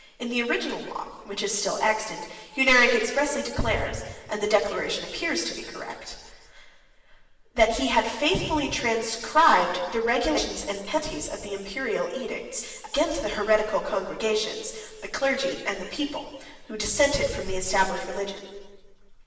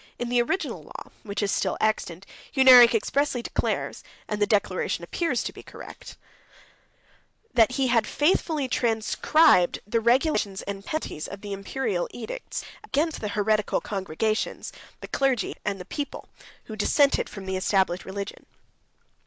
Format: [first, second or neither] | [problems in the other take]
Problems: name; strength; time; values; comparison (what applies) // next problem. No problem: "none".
second | room echo; dies away in 1.3 s